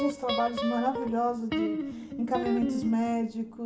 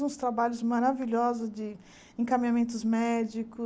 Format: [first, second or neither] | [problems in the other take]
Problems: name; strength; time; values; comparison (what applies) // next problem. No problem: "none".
second | background sound (Guitar); 4 dB below the speech // room echo; dies away in 0.4 s